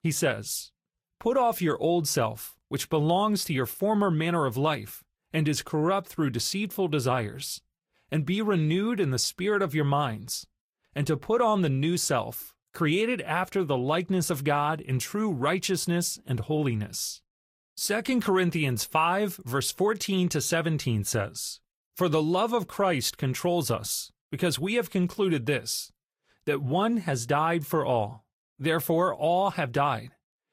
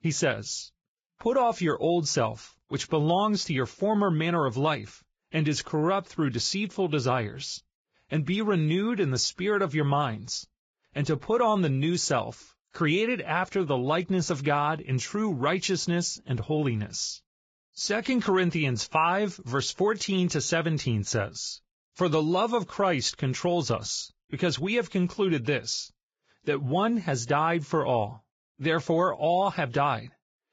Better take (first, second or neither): first